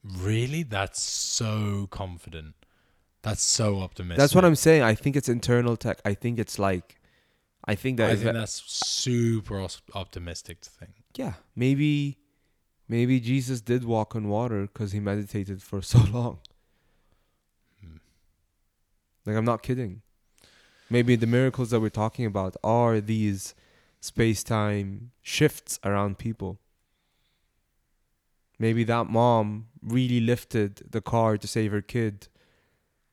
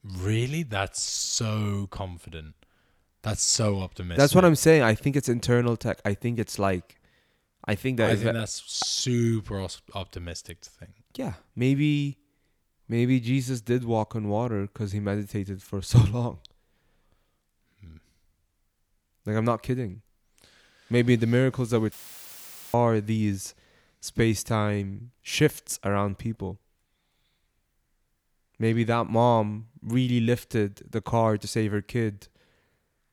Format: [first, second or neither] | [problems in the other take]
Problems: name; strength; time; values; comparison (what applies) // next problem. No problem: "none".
first | audio cutting out; filled with static; at 22 s for 1 s